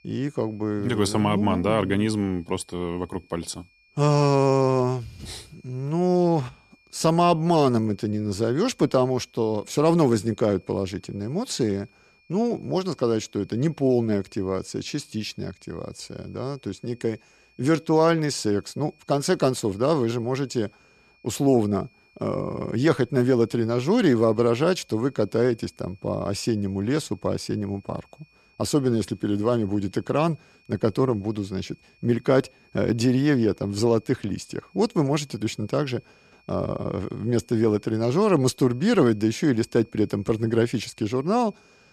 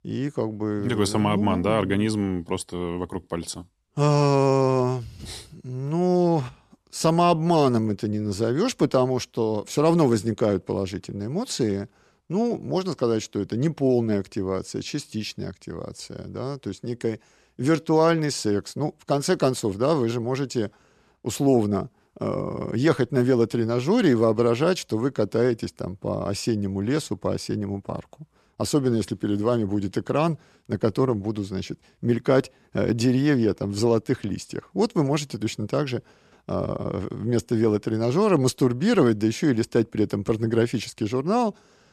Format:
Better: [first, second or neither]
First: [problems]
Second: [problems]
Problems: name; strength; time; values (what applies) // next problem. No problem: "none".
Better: second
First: high-pitched whine; faint; throughout; 2.5 kHz, 35 dB below the speech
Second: none